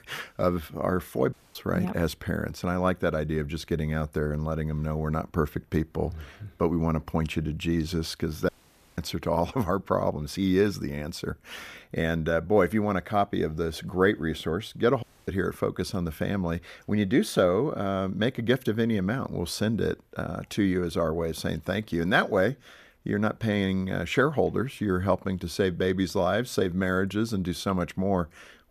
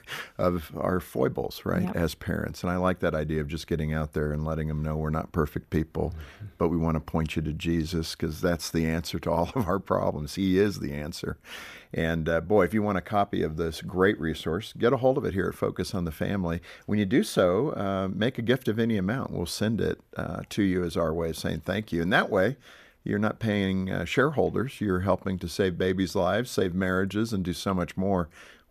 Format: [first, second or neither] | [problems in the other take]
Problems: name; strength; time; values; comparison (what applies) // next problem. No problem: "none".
second | audio cutting out; at 1.5 s, at 8.5 s and at 15 s